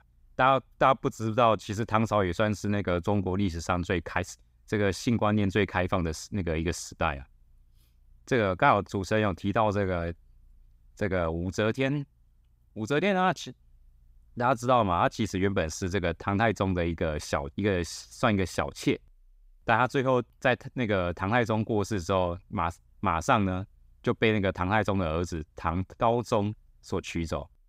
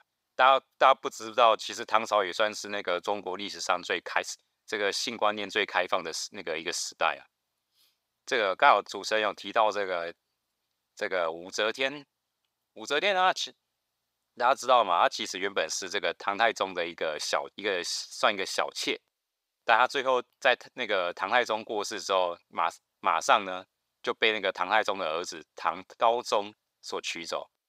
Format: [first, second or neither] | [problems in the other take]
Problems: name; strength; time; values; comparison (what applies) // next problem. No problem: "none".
first | thin; very; fading below 600 Hz